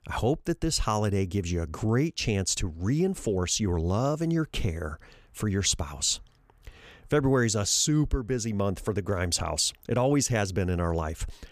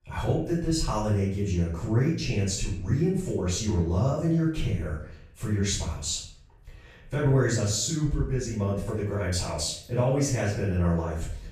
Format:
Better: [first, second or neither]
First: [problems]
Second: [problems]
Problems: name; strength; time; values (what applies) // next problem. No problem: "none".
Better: first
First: none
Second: off-mic speech; far // room echo; noticeable; dies away in 0.5 s